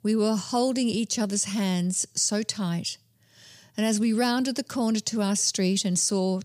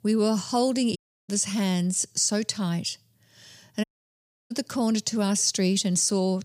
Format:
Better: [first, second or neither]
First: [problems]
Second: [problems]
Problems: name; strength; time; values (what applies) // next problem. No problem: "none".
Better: first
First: none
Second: audio cutting out; at 1 s and at 4 s for 0.5 s